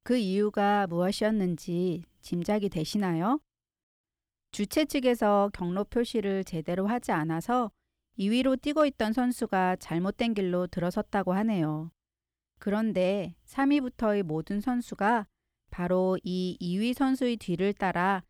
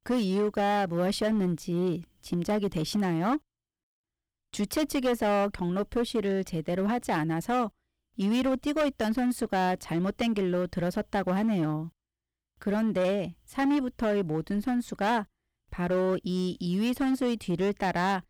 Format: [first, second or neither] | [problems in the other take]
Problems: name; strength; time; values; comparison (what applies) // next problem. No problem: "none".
first | distortion; slight; 10% of the sound clipped